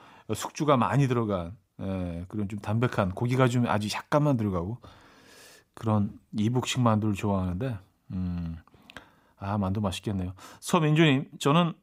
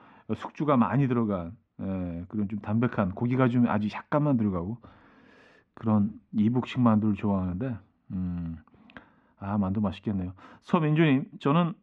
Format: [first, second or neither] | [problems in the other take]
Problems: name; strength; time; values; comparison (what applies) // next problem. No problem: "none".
first | muffled; very; fading above 2 kHz